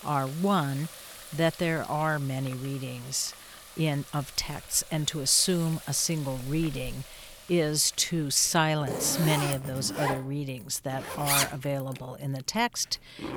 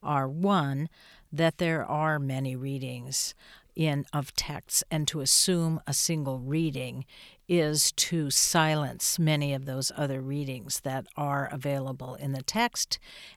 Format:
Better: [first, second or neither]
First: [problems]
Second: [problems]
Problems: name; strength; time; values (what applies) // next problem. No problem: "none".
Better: second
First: household noises; loud; throughout; 8 dB below the speech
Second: none